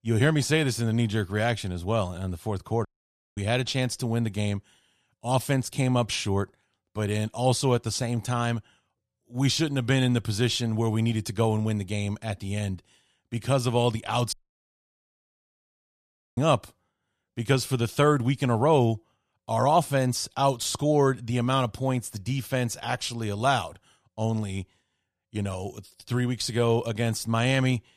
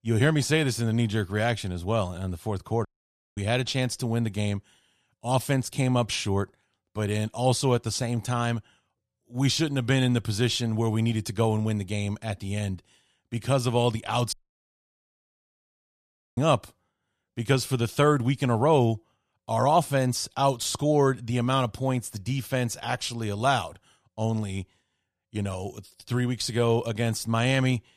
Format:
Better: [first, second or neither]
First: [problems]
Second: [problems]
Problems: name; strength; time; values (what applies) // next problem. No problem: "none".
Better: neither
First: audio cutting out; at 3 s for 0.5 s and at 14 s for 2 s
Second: audio cutting out; at 3 s for 0.5 s and at 14 s for 2 s